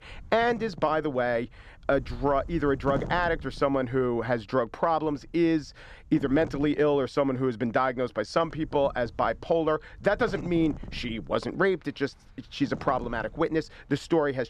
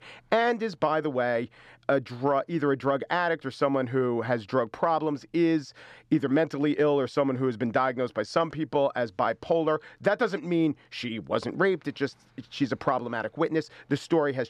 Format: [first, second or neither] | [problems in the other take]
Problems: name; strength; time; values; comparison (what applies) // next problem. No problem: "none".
second | wind noise on the microphone; occasional gusts; 20 dB below the speech